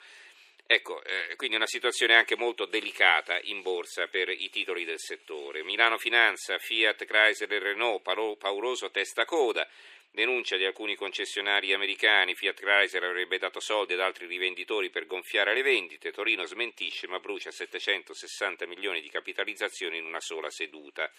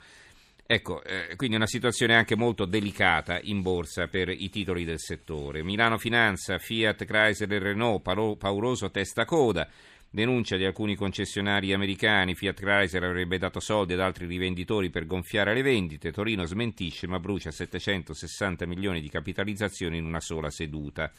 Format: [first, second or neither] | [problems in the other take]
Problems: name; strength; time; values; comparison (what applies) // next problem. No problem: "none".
second | thin; very; fading below 350 Hz